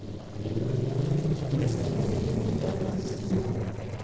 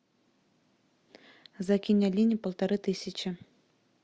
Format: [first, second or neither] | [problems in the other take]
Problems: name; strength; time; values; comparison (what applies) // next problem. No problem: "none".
second | noise reduction (neural separator model SepFormer DNS4)